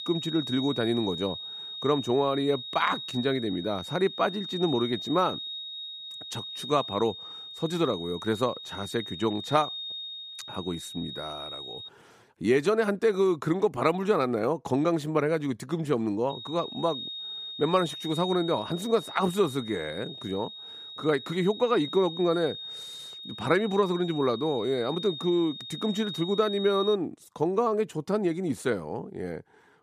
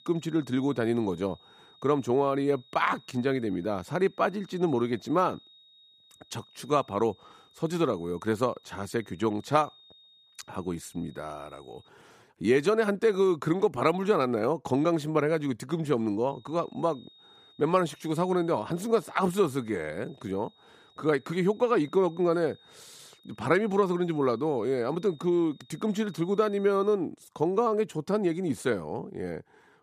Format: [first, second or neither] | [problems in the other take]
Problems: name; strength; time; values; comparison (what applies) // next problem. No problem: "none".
second | high-pitched whine; loud; until 12 s and from 16 to 27 s; 3.5 kHz, 9 dB below the speech; faint in the second